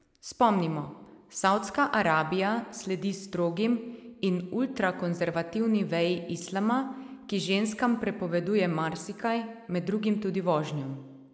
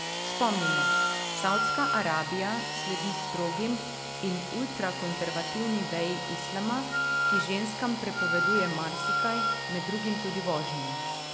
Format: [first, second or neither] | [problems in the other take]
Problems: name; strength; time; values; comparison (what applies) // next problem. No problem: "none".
first | background sound (Sawing / Engine + Wind instrument, woodwind instrument); 1 dB above the speech